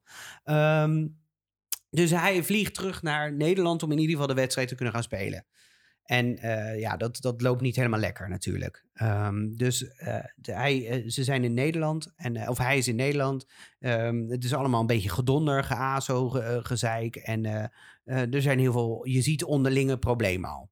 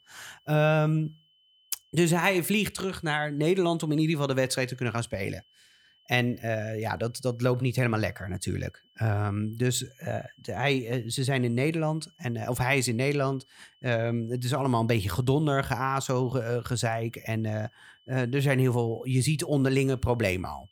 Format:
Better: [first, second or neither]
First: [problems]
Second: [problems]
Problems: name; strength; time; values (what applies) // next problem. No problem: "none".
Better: first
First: none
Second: high-pitched whine; faint; throughout; 3 kHz, 35 dB below the speech